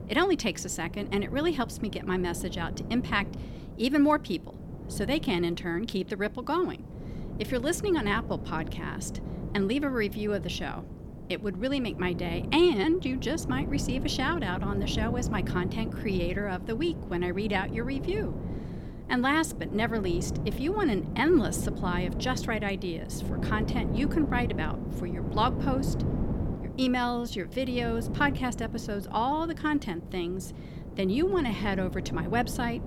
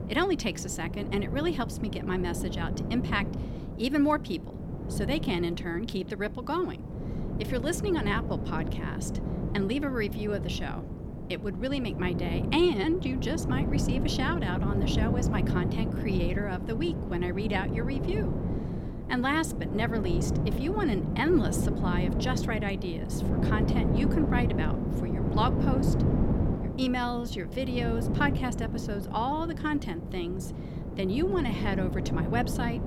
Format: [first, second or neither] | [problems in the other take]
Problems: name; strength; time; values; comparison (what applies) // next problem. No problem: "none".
first | wind noise on the microphone; heavy; 6 dB below the speech; occasional gusts in the first